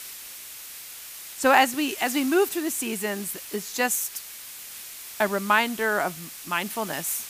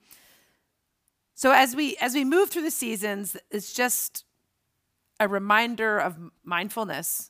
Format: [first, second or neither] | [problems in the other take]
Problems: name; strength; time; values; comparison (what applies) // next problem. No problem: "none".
second | hiss; noticeable; throughout; 10 dB below the speech